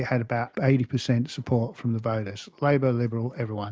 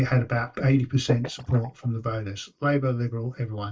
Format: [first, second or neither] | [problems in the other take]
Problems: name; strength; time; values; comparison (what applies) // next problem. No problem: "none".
first | noise reduction (neural mask model DeepFilterNet 3)